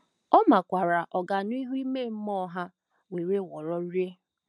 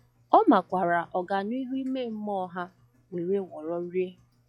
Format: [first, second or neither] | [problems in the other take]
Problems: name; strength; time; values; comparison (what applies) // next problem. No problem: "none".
first | noise reduction (classical method log-MMSE)